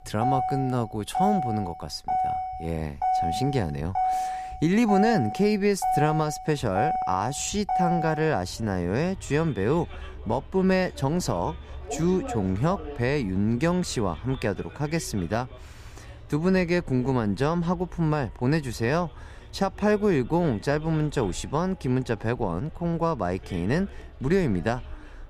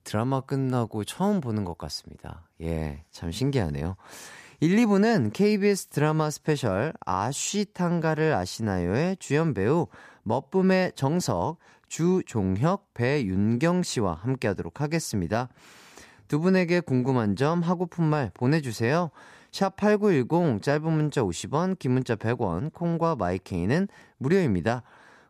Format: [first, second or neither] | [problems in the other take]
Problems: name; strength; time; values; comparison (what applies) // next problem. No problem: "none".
second | traffic noise; loud; throughout; 5 dB below the speech